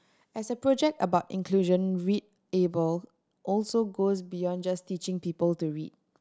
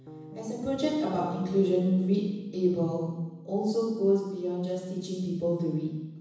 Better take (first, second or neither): first